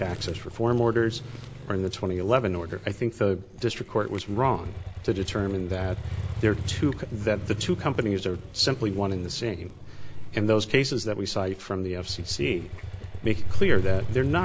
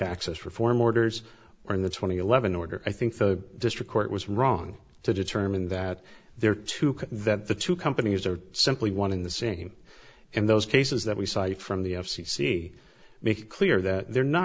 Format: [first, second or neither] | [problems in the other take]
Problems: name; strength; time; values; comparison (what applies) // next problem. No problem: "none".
second | background sound (Chewing, mastication + Motorcycle); 3 dB below the speech